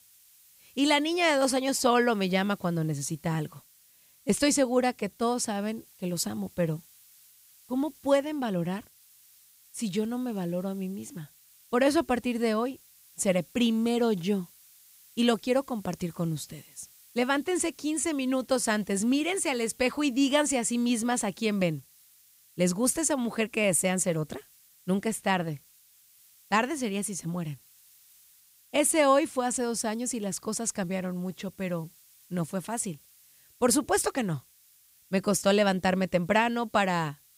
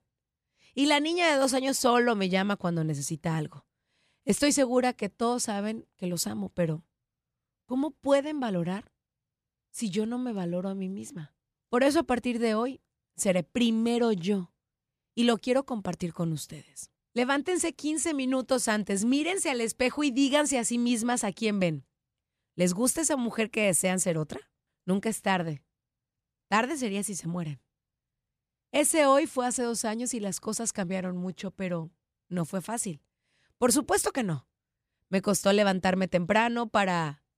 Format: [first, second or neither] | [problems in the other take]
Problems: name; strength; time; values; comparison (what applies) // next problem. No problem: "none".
second | hiss; faint; throughout; 25 dB below the speech